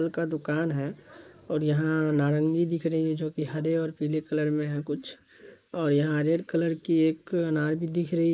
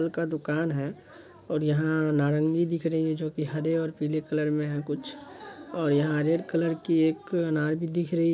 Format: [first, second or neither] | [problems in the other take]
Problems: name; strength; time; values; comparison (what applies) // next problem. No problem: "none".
second | noise reduction (neural mask model Resemble Enhance denoiser)